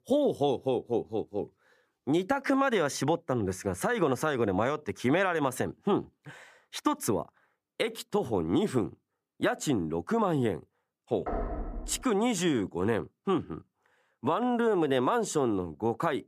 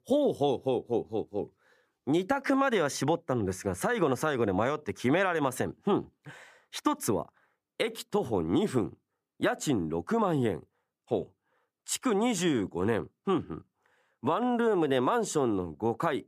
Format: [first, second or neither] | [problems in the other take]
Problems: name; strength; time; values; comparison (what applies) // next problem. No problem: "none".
second | door banging; noticeable; at 11 s; peak 6 dB below the speech